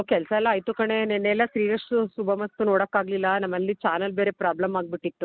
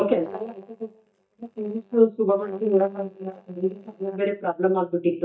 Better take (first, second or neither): first